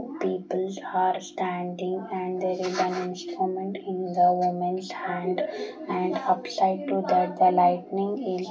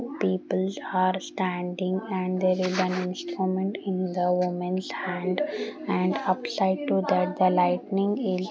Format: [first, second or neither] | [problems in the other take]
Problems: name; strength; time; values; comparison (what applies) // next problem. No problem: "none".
second | room echo; dies away in 0.2 s